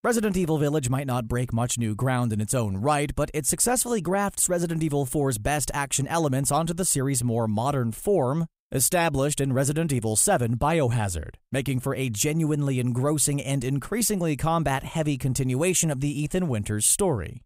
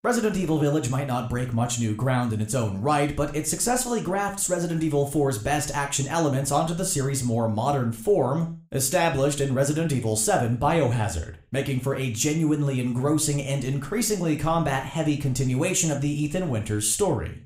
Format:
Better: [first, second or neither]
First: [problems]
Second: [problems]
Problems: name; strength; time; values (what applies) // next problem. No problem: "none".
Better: first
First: none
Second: room echo; slight; dies away in 0.4 s